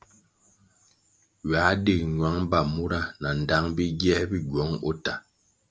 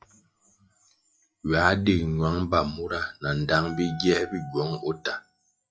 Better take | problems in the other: first | noise reduction (classical method log-MMSE)

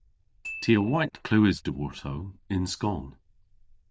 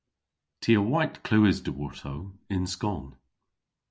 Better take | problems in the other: second | noise reduction (neural diffusion model UNIVERSE++)

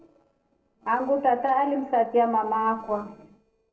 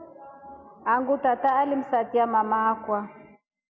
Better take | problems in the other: second | noise reduction (neural separator model SepFormer DNS4)

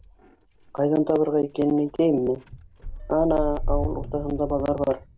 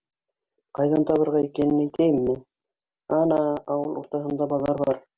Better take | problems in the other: second | background sound (Engine starting / Motor vehicle (road)); 8 dB below the speech

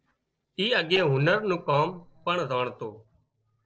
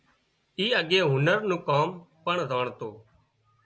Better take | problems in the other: second | noise reduction (neural separator model SepFormer DNS4)

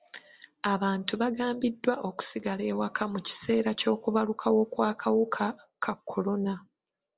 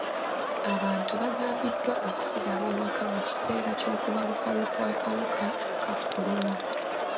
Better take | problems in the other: first | background sound (Crowd); 3 dB above the speech // room echo; dies away in 0.2 s

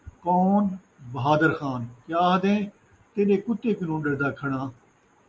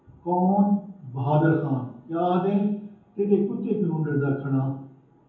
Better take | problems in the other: first | room echo; dies away in 0.7 s

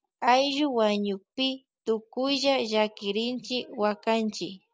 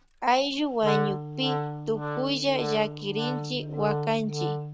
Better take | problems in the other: first | background sound (Wind instrument, woodwind instrument); 3 dB below the speech

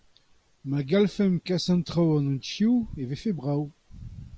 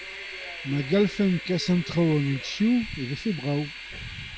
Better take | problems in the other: first | background sound (Train); 12 dB below the speech

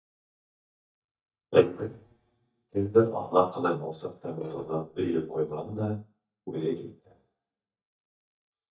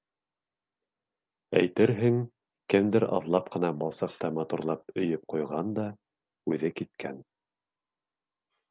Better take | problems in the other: second | noise reduction (neural mask model DeepFilterNet 3)

